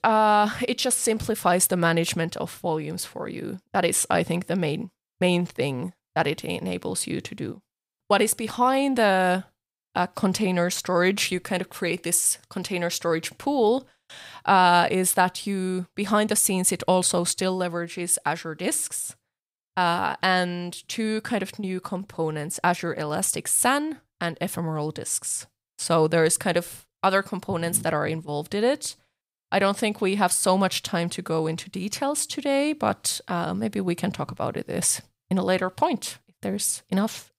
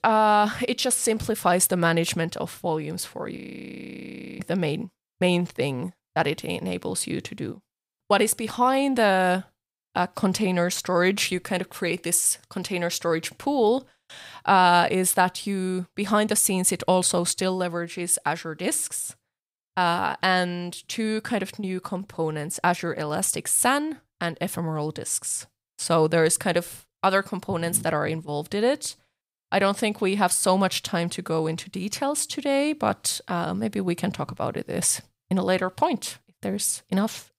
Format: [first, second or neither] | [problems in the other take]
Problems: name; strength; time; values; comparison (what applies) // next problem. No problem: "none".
first | audio freezing; at 3.5 s for 1 s